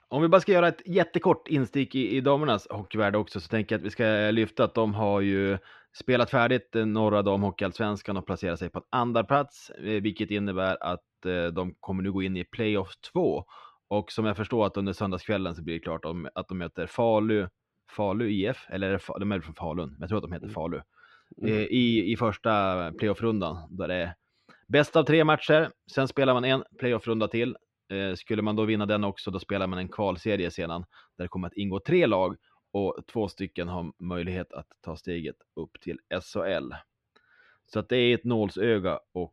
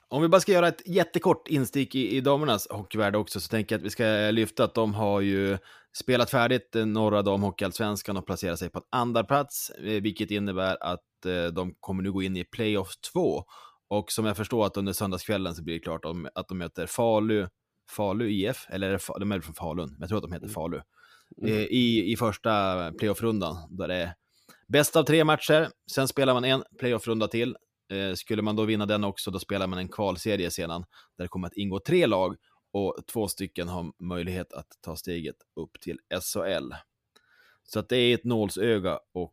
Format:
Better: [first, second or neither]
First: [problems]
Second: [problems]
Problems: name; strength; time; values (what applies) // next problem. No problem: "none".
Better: second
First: muffled; slightly; fading above 2.5 kHz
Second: none